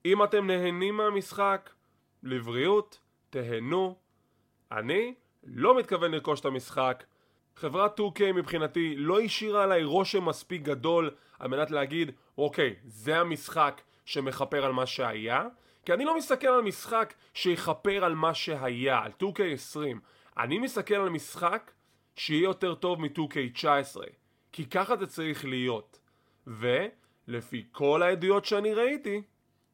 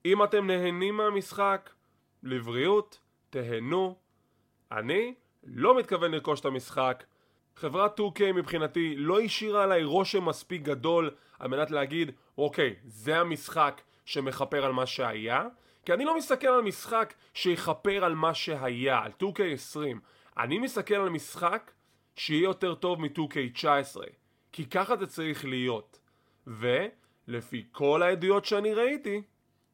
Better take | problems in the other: neither | none

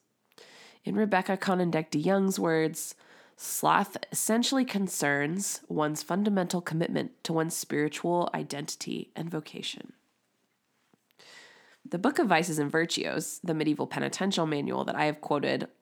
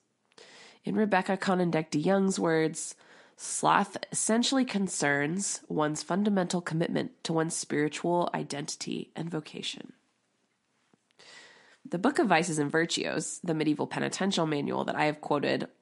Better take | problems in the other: first | garbled, watery; slightly; nothing above 11 kHz

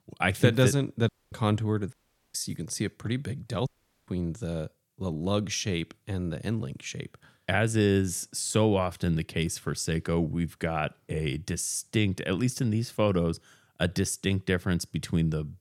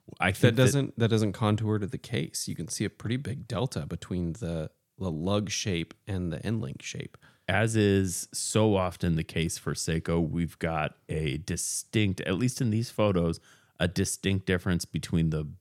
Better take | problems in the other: second | audio cutting out; at 1 s, at 2 s and at 3.5 s

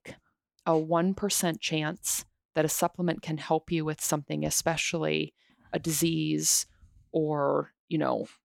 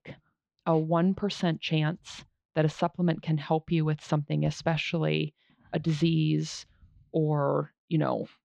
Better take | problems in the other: first | muffled; slightly; fading above 4 kHz

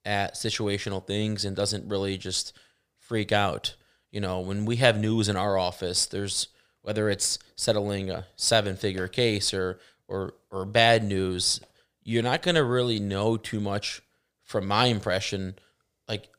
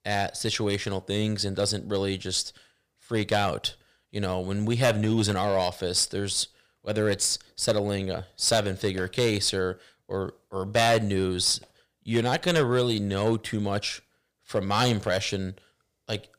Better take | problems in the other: first | distortion; slight; 1.8% of the sound clipped

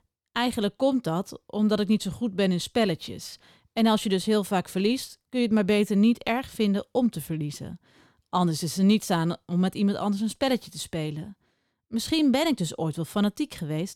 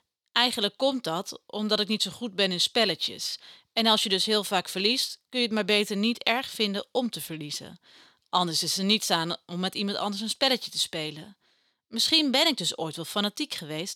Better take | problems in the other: first | thin; very slightly; fading below 600 Hz

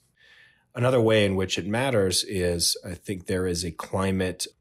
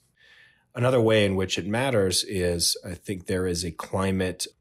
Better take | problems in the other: neither | none

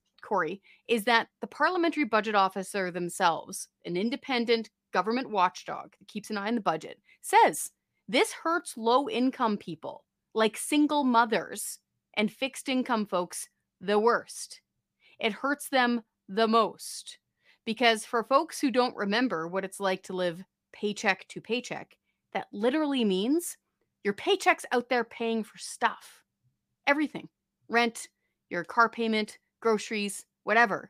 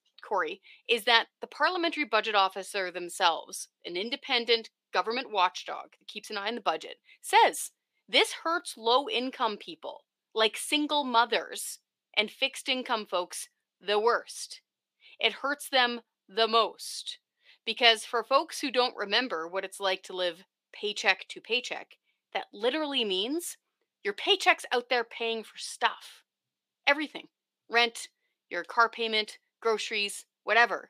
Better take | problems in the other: first | thin; somewhat; fading below 450 Hz

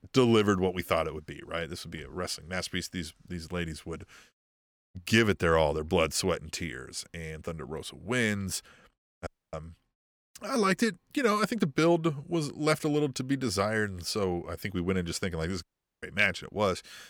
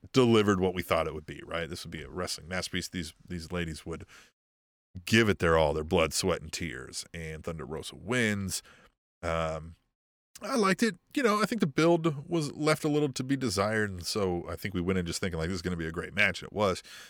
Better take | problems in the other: second | audio cutting out; at 9.5 s and at 16 s

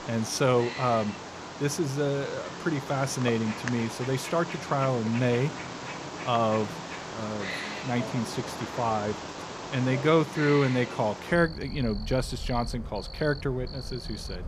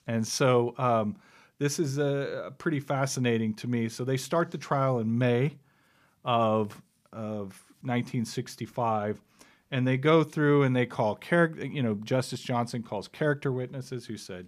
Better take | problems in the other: second | animal sounds; loud; throughout; 9 dB below the speech

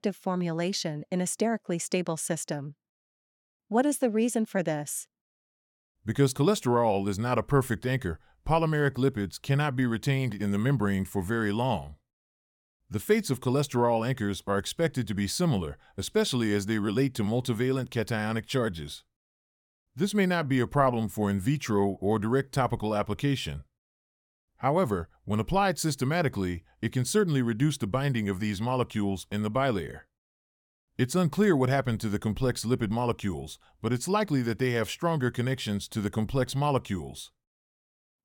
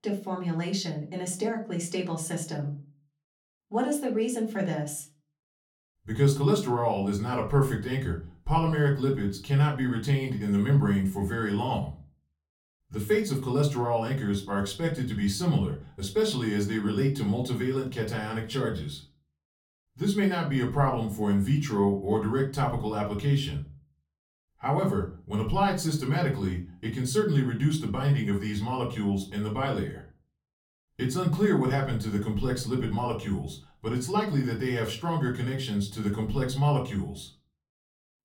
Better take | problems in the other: first | off-mic speech; far // room echo; very slight; dies away in 0.3 s

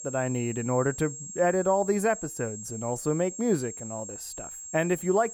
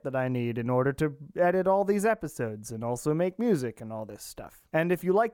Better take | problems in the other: second | high-pitched whine; loud; throughout; 7.5 kHz, 10 dB below the speech

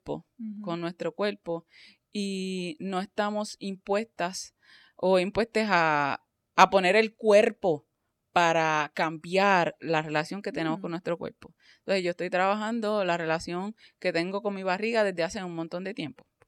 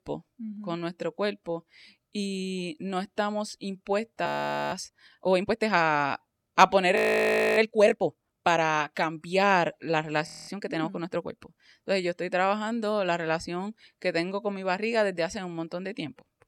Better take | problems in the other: first | audio freezing; at 4.5 s, at 7 s for 0.5 s and at 10 s

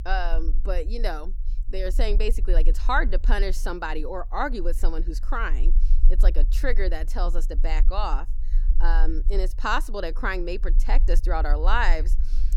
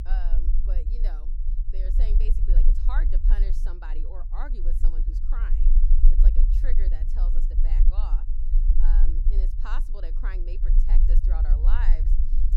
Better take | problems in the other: first | low rumble; loud; throughout; 6 dB below the speech; faint in the first

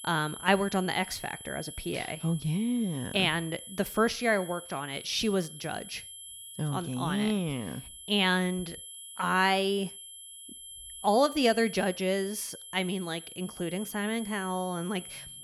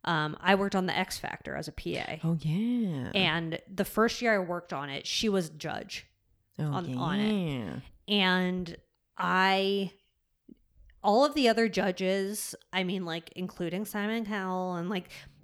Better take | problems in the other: second | high-pitched whine; noticeable; throughout; 3 kHz, 15 dB below the speech

